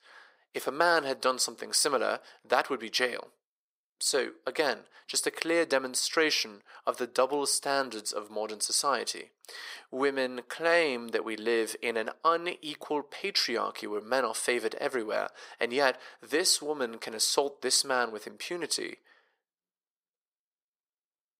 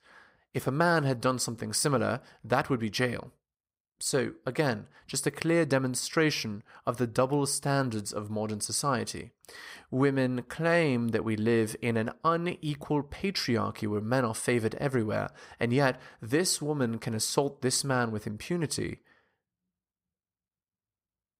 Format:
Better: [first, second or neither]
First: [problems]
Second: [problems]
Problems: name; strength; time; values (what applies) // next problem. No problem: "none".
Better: second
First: thin; somewhat; fading below 400 Hz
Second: none